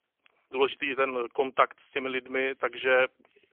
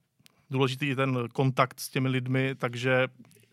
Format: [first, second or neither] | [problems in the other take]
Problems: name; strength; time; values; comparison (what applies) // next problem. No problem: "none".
second | phone-call audio; poor line; nothing above 3.5 kHz